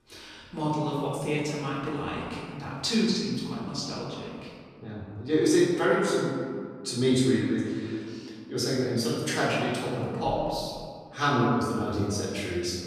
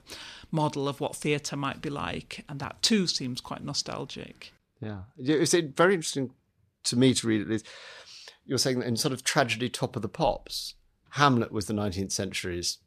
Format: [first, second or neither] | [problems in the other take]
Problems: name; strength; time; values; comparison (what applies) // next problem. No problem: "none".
second | room echo; noticeable; dies away in 2 s // off-mic speech; far